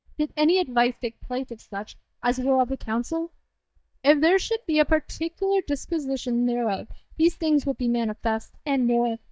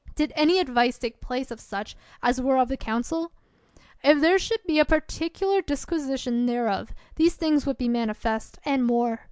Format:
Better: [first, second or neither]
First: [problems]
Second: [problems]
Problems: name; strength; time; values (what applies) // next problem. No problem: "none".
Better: second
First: noise reduction (neural mask model DeepFilterNet 3)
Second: none